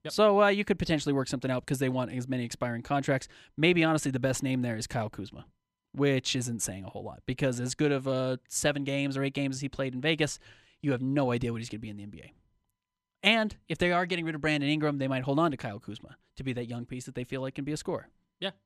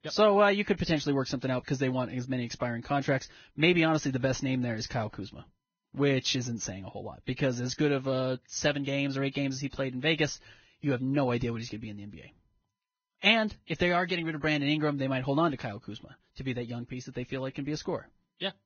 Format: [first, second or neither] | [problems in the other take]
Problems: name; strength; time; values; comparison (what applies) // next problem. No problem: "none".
first | garbled, watery; badly; nothing above 6.5 kHz